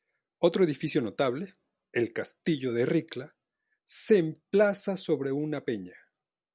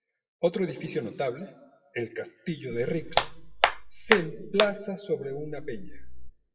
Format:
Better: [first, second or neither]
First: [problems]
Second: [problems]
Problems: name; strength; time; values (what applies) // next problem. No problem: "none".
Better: first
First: none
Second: noise reduction (classical method WPE with log-MMSE)